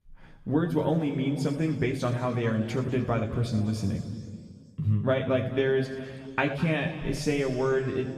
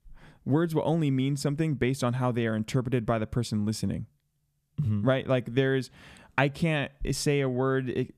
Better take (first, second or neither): second